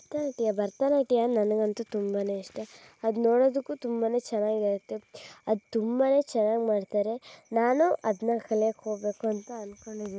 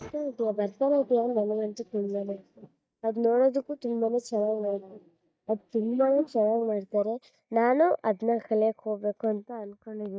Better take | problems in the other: first | noise reduction (neural mask model DeepFilterNet 3)

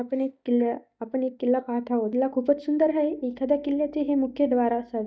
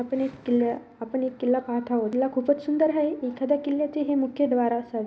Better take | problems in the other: second | noise reduction (neural mask model DeepFilterNet 3)

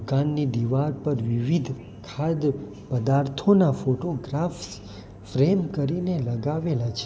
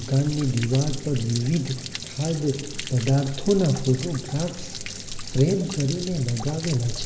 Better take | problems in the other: first | background sound (Stream / Trickle, dribble / Splash, splatter); 9 dB below the speech // room echo; dies away in 2.4 s

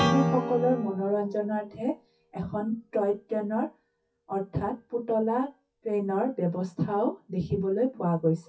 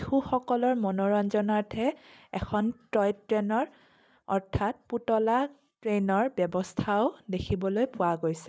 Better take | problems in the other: second | noise reduction (classical method WPE with log-MMSE)

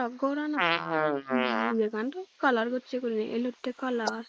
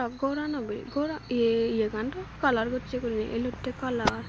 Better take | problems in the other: second | noise reduction (neural mask model Resemble Enhance denoiser)

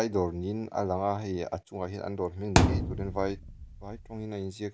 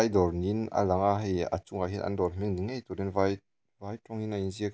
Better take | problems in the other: second | background sound (Thump, thud); 4 dB above the speech

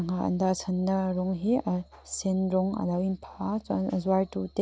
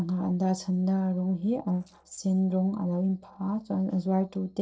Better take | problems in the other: first | noise reduction (neural separator model SepFormer DNS4)

